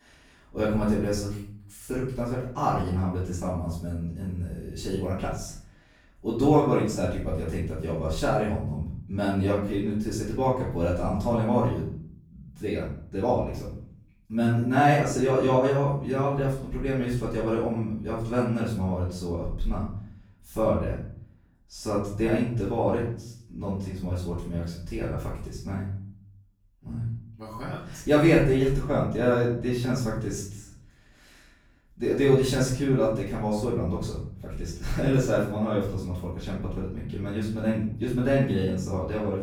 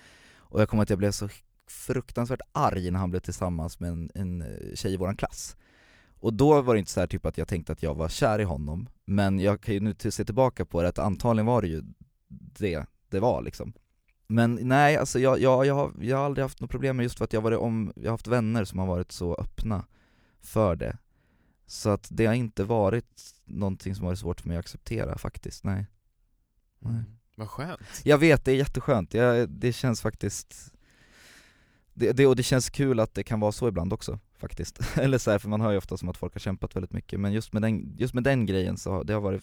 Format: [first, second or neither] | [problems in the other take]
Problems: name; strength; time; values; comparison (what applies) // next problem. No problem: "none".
second | off-mic speech; far // room echo; noticeable; dies away in 0.5 s